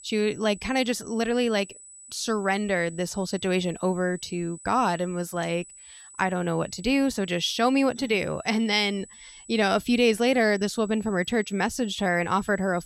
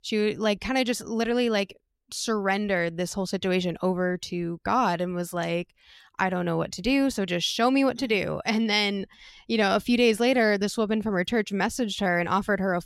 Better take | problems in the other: second | high-pitched whine; noticeable; throughout; 8 kHz, 20 dB below the speech

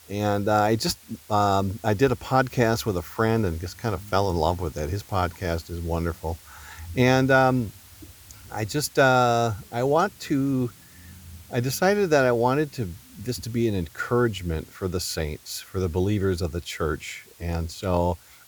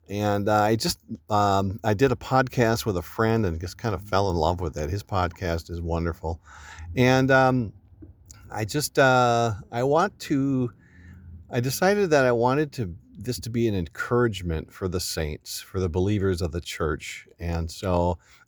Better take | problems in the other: second | hiss; faint; throughout; 25 dB below the speech

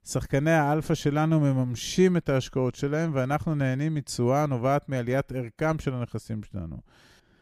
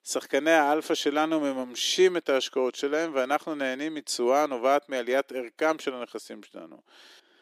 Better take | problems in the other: first | thin; somewhat; fading below 300 Hz

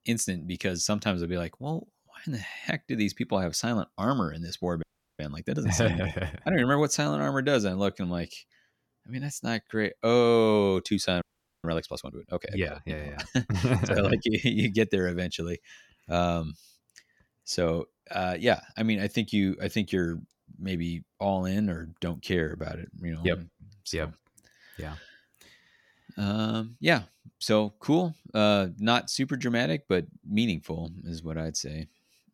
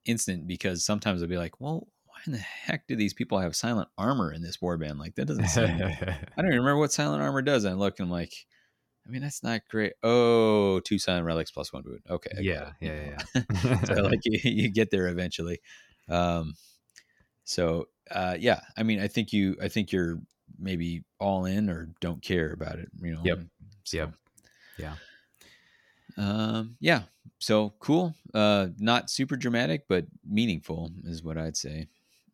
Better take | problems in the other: second | audio freezing; at 5 s and at 11 s

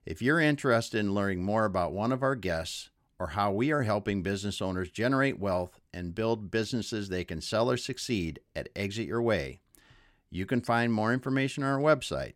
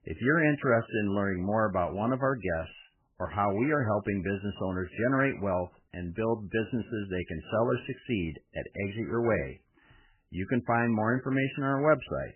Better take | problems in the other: first | garbled, watery; badly; nothing above 3 kHz

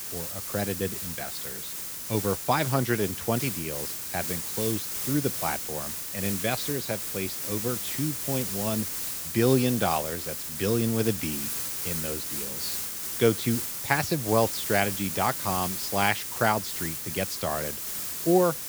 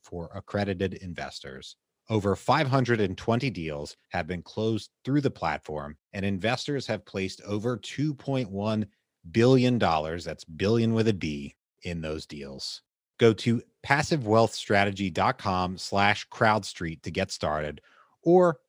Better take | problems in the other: second | hiss; loud; throughout; 2 dB below the speech

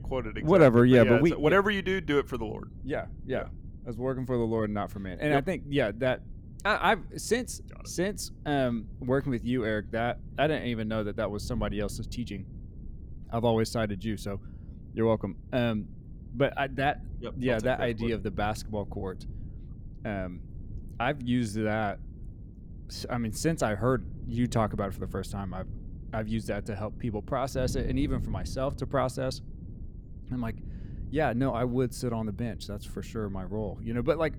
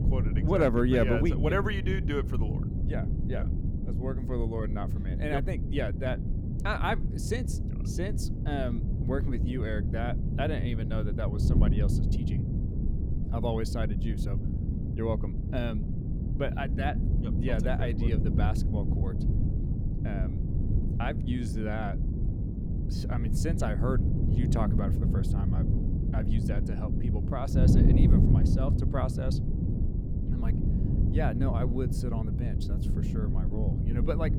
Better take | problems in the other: first | wind noise on the microphone; heavy; 5 dB below the speech; occasional gusts in the first

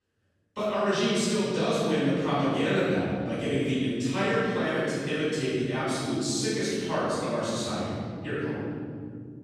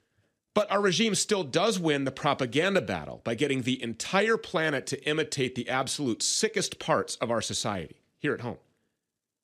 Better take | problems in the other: second | off-mic speech; far // room echo; strong; dies away in 3 s

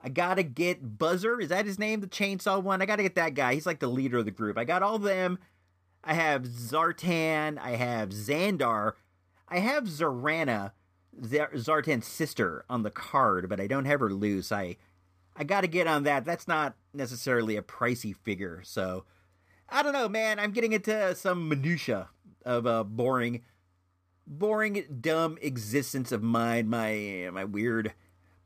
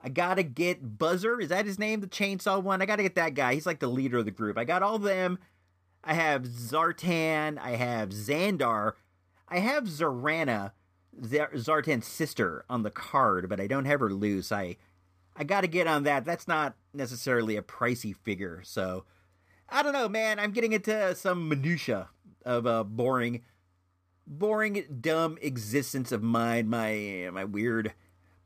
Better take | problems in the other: neither | none

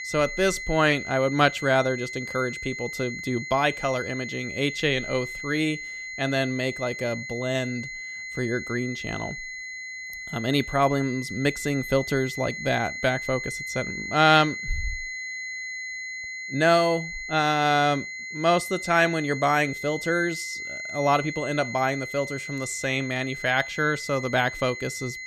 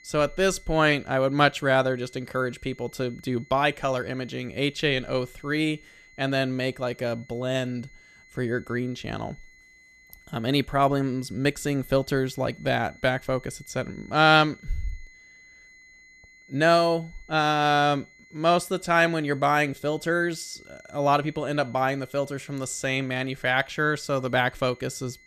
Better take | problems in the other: second | high-pitched whine; loud; throughout; 2 kHz, 8 dB below the speech; faint in the second

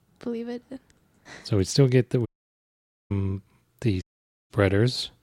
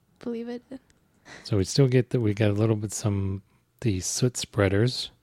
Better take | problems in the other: second | audio cutting out; at 2.5 s for 1 s and at 4 s

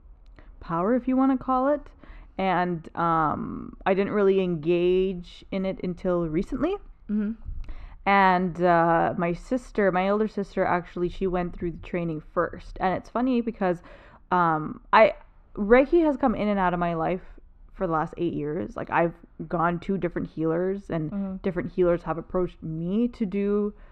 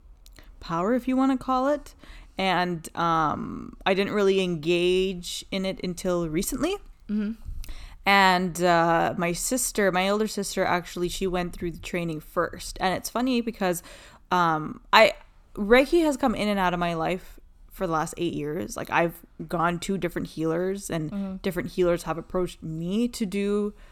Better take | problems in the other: second | muffled; very; fading above 1.5 kHz

